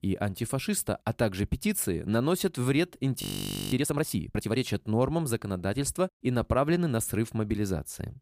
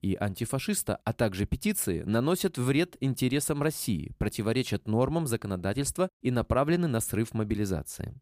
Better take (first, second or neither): second